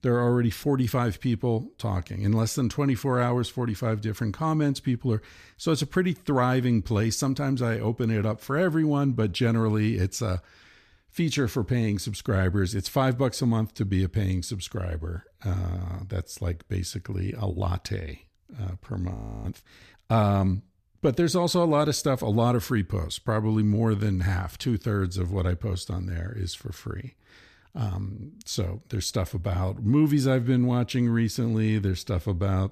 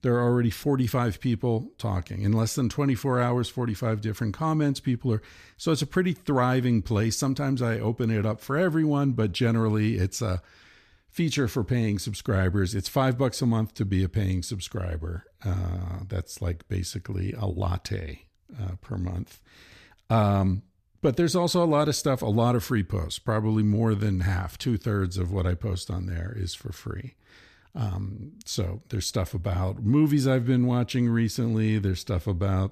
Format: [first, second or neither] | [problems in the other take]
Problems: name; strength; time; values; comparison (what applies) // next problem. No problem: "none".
second | audio freezing; at 19 s